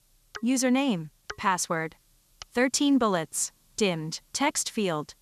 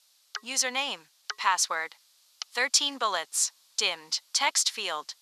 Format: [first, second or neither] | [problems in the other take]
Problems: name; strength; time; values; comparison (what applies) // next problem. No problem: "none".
first | thin; very; fading below 900 Hz